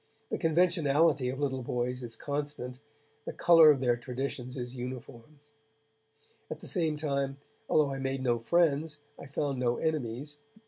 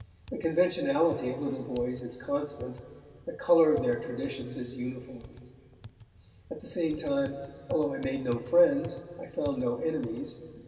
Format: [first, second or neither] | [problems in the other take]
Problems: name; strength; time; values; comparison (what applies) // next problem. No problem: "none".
first | background sound (Typing); 19 dB below the speech // room echo; dies away in 2.2 s